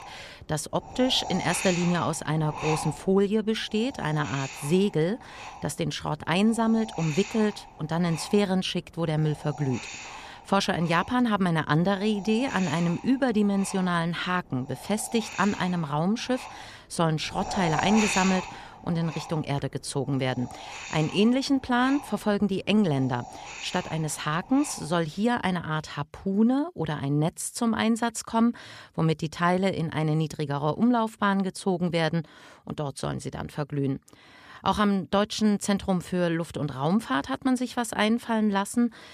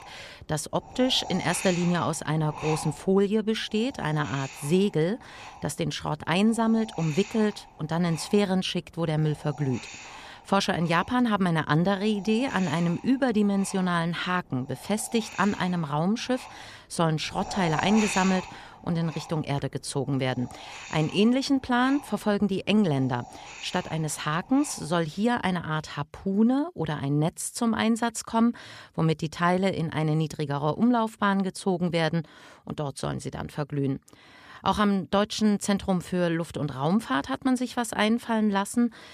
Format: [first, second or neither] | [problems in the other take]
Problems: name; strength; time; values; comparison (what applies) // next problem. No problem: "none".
second | wind noise on the microphone; heavy; until 25 s; 8 dB below the speech; occasional gusts in the second